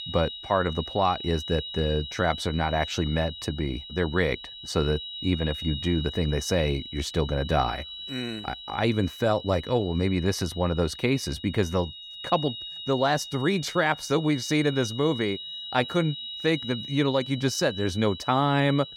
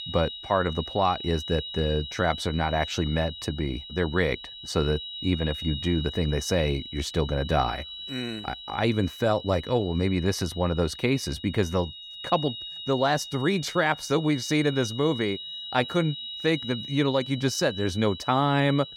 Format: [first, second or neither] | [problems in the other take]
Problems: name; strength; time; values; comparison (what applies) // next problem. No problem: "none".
neither | high-pitched whine; loud; throughout; 4 kHz, 10 dB below the speech; the same in both